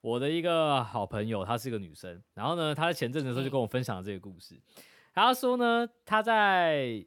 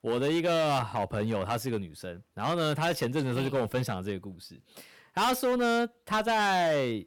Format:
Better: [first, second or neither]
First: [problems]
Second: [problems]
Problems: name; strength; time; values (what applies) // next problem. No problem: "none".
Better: first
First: none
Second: distortion; heavy; 13% of the sound clipped